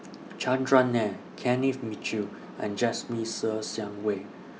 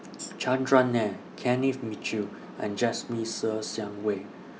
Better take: first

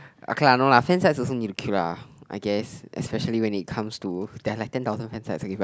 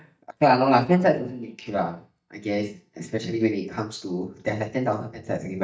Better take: first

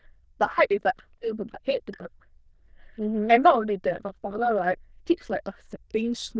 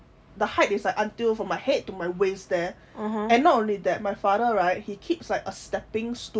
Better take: second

